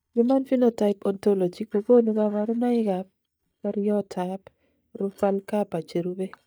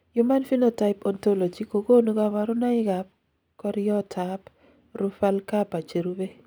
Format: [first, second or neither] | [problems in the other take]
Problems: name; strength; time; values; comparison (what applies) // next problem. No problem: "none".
second | noise reduction (neural mask model DeepFilterNet 3)